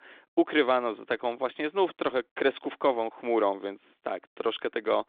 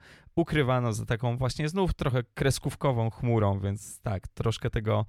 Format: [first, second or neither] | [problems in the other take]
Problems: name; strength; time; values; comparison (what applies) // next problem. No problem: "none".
second | phone-call audio; nothing above 3.5 kHz